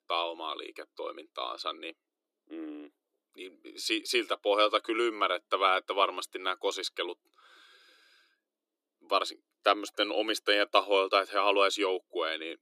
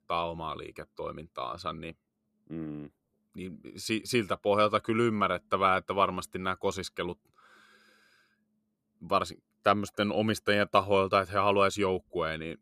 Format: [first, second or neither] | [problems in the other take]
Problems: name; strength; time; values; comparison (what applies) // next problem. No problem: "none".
second | thin; somewhat; fading below 300 Hz